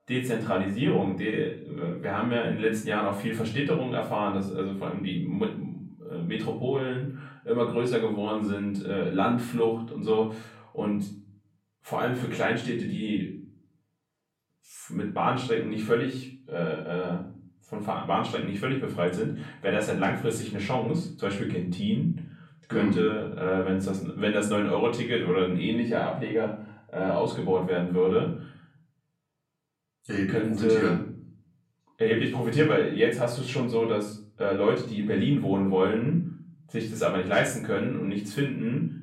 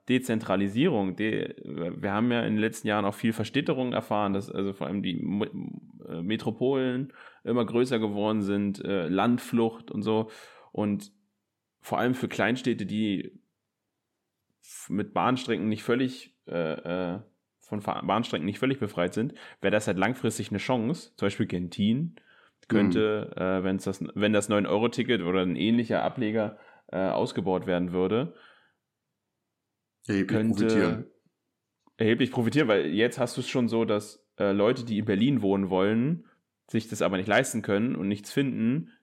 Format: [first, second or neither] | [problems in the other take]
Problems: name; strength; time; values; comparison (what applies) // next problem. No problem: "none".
second | off-mic speech; far // room echo; slight; dies away in 0.4 s